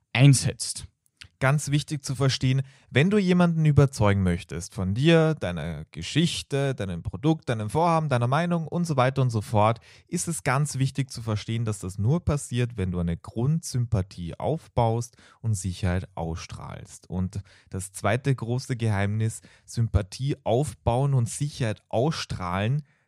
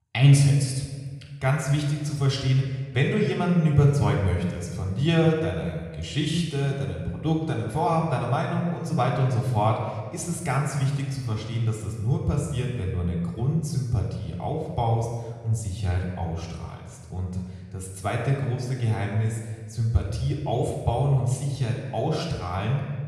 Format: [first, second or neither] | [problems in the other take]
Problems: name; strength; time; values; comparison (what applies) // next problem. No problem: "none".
first | off-mic speech; somewhat distant // room echo; noticeable; dies away in 1.3 s